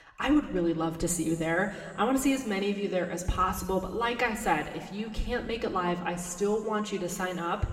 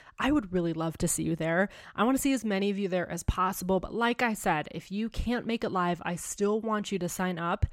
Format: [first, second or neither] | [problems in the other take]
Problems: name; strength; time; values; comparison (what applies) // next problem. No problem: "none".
second | room echo; slight; dies away in 1.7 s